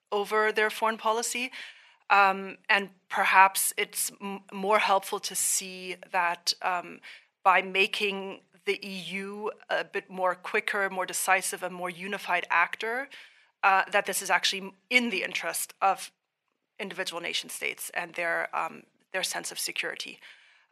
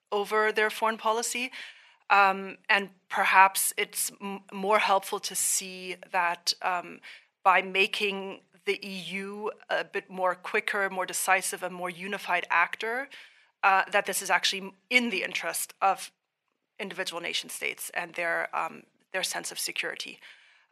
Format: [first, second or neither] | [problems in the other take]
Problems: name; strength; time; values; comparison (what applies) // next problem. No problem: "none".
neither | thin; very; fading below 550 Hz; the same in both